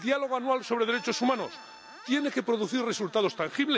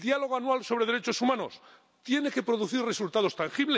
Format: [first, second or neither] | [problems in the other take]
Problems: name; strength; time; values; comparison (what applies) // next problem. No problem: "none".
second | background sound (Screech + Accordion); 20 dB below the speech